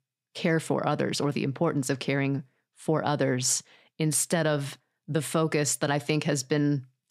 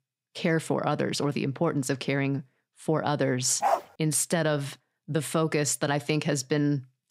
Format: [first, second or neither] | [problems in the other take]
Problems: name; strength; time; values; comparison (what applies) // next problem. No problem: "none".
first | dog barking; loud; at 3.5 s; peak level with the speech